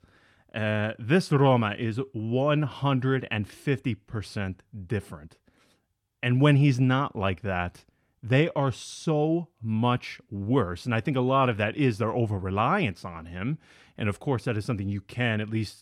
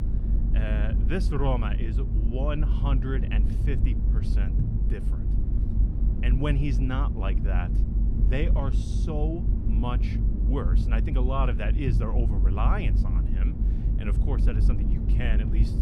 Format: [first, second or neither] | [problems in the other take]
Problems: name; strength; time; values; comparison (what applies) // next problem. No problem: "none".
first | low rumble; loud; throughout; 6 dB below the speech